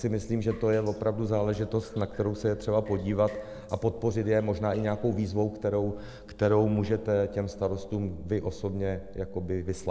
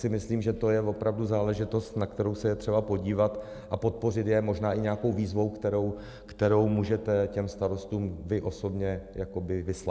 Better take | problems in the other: second | background sound (Drip); 19 dB below the speech

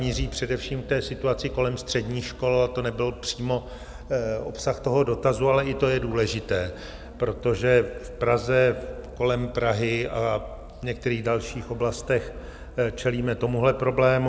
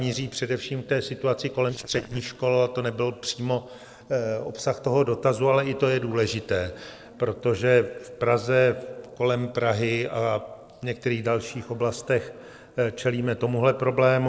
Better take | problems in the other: first | noise reduction (neural separator model SepFormer DNS4)

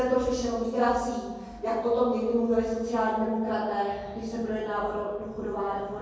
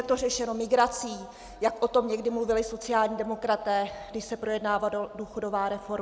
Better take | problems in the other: second | room echo; dies away in 1.3 s

